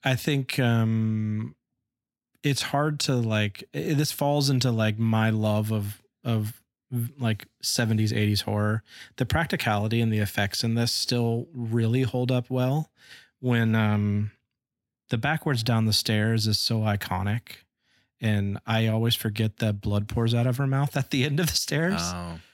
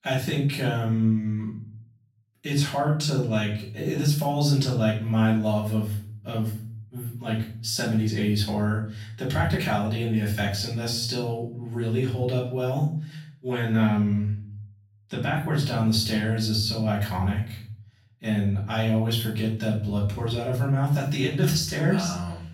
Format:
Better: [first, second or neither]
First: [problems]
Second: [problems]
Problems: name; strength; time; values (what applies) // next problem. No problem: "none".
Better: first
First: none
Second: off-mic speech; far // room echo; noticeable; dies away in 0.5 s